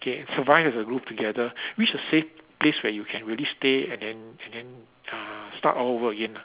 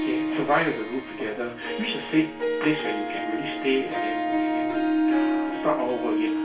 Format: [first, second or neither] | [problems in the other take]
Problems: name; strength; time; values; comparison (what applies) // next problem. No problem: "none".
first | background sound (Harp); 1 dB above the speech // room echo; dies away in 0.3 s